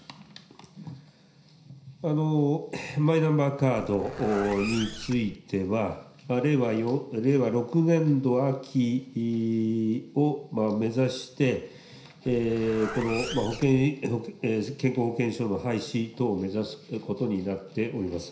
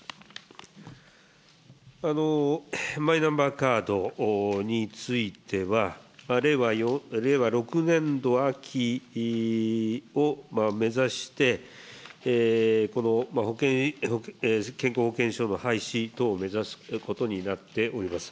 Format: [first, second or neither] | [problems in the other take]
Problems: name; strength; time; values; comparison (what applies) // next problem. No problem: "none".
second | background sound (Zipper (clothing)); 13 dB below the speech // room echo; dies away in 0.5 s